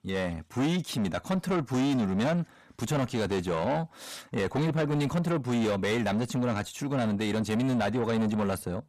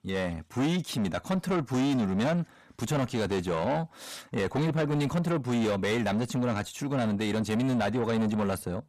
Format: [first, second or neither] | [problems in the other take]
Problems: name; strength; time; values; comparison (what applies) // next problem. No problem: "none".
neither | distortion; heavy; 8 dB below the speech; the same in both